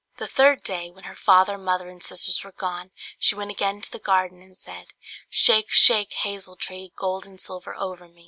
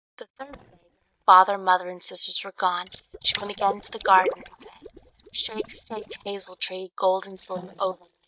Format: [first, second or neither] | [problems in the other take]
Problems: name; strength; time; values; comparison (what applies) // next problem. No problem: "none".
first | noise reduction (neural mask model DeepFilterNet 3)